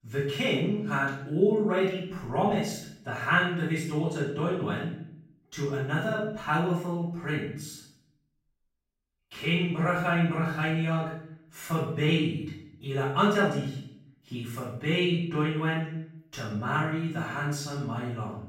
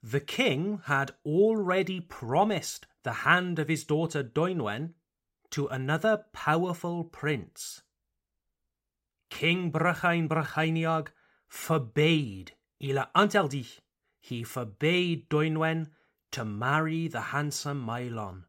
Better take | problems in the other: second | off-mic speech; far // room echo; noticeable; dies away in 0.6 s

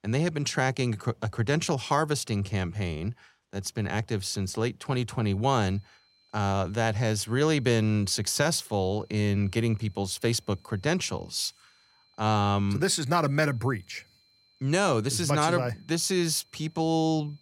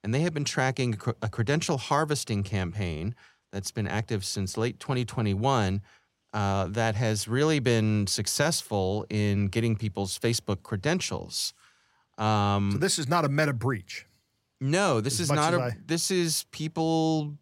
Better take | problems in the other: second | high-pitched whine; faint; from 5.5 s on; 4 kHz, 35 dB below the speech

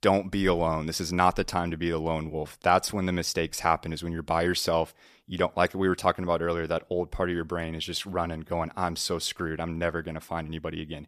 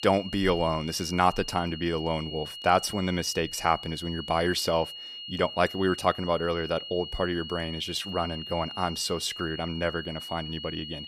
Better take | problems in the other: first | high-pitched whine; loud; throughout; 3 kHz, 10 dB below the speech

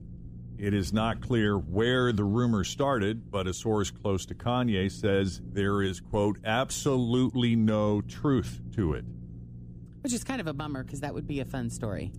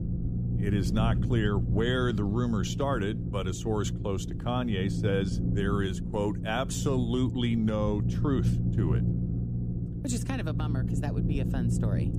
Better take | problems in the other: first | low rumble; loud; throughout; 7 dB below the speech; faint in the first

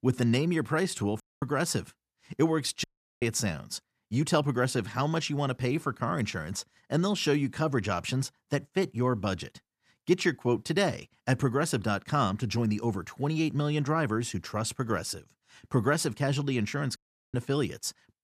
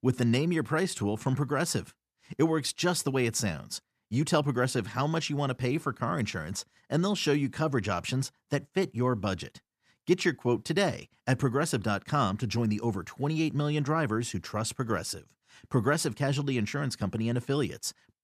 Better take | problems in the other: second | audio cutting out; at 1 s, at 3 s and at 17 s

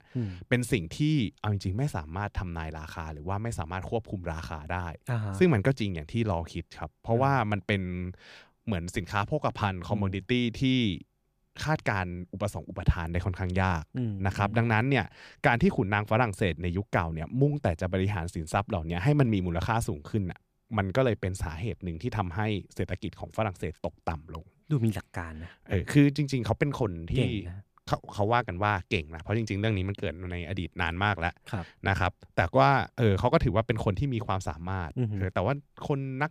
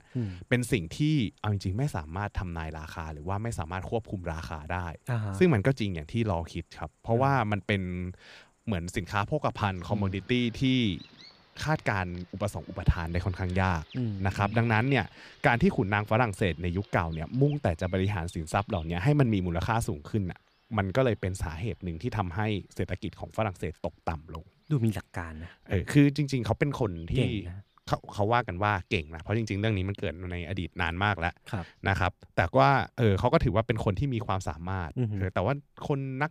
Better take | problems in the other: first | animal sounds; faint; throughout; 25 dB below the speech

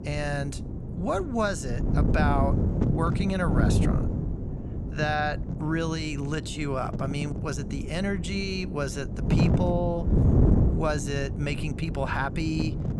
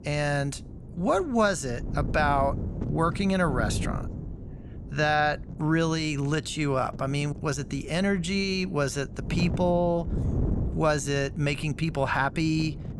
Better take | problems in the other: second | wind noise on the microphone; heavy; 6 dB below the speech; occasional gusts in the second

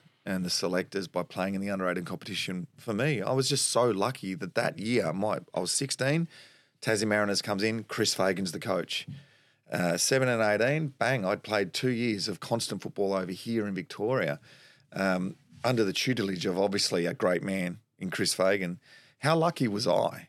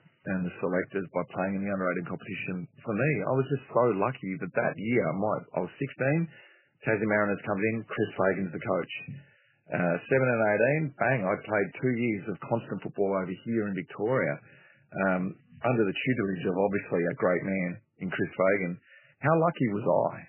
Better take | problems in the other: first | garbled, watery; badly; nothing above 3 kHz

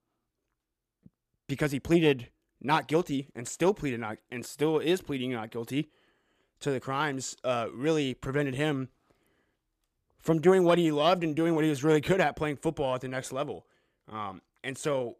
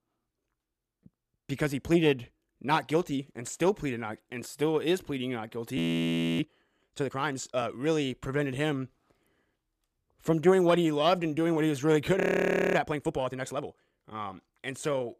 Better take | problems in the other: first | audio freezing; at 6 s for 0.5 s and at 12 s for 0.5 s

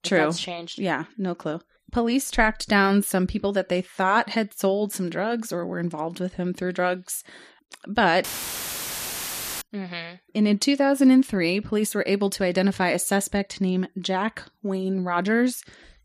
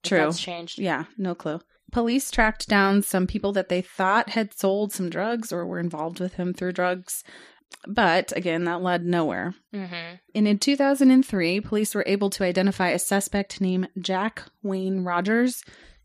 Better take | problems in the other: second | audio cutting out; filled with static; at 8 s for 1.5 s

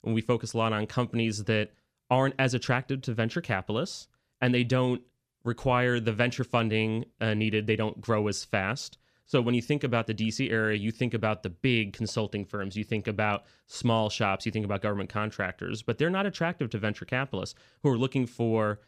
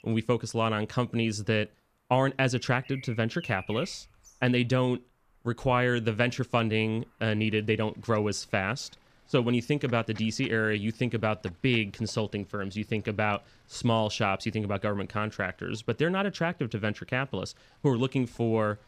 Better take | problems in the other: first | animal sounds; faint; throughout; 25 dB below the speech

